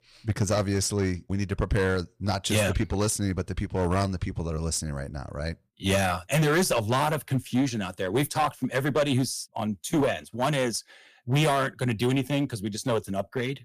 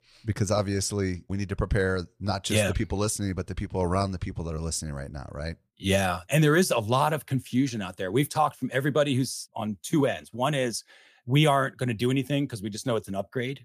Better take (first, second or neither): second